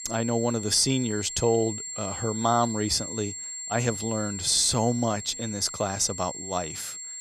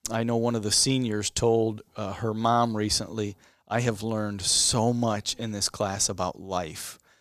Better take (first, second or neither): second